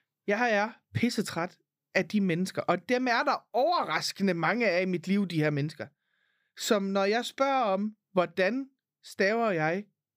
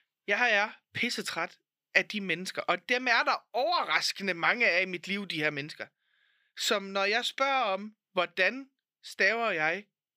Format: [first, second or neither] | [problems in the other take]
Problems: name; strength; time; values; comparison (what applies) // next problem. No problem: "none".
first | thin; somewhat; fading below 500 Hz